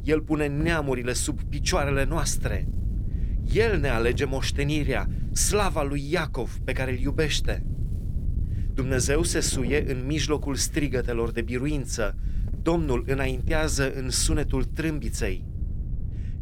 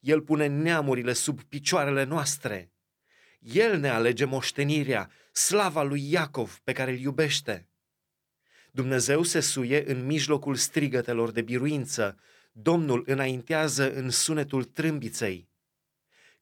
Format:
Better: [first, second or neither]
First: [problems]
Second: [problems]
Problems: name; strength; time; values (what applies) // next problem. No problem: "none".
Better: second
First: wind noise on the microphone; occasional gusts; 20 dB below the speech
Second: none